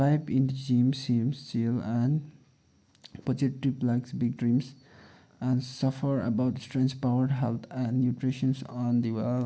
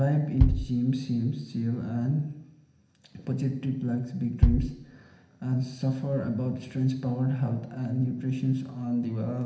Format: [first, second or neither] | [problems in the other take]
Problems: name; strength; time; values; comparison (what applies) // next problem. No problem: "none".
first | background sound (Bass drum); 1 dB below the speech // room echo; dies away in 0.8 s